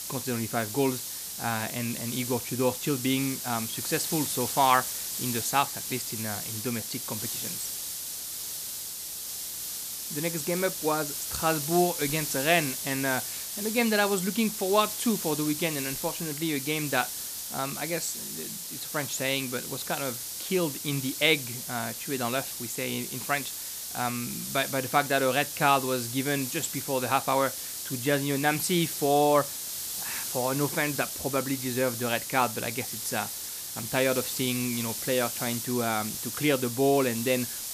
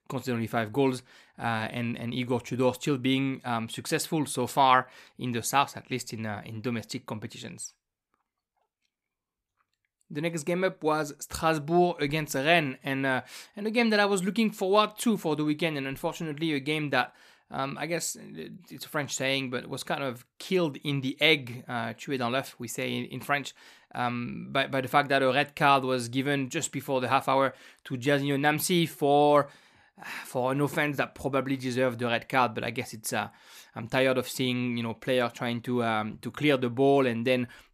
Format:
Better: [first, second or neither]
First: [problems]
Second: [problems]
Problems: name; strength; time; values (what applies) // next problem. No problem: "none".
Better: second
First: hiss; loud; throughout; 4 dB below the speech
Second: none